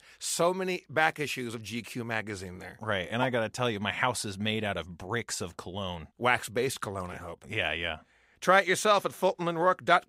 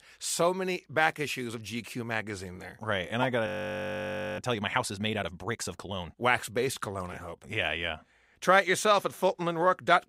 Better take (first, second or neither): first